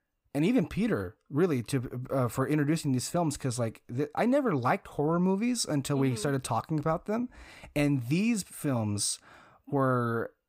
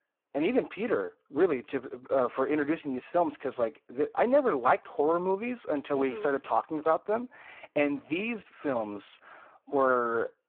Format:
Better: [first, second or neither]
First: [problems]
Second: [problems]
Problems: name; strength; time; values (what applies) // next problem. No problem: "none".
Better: first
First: none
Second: phone-call audio; poor line